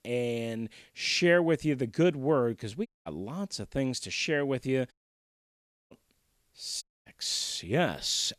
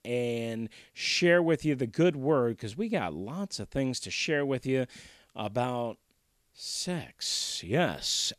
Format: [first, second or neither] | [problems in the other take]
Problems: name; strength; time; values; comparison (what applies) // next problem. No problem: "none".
second | audio cutting out; at 3 s, at 5 s for 1 s and at 7 s